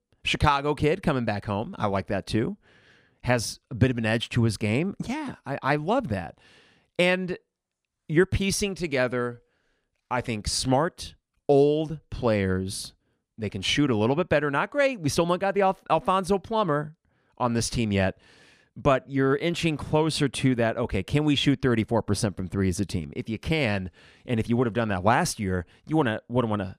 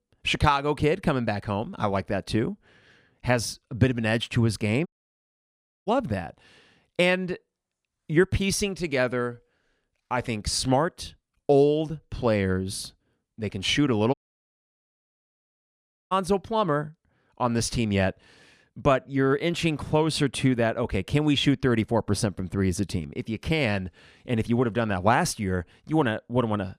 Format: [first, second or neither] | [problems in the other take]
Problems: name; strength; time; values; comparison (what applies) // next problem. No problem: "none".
first | audio cutting out; at 5 s for 1 s and at 14 s for 2 s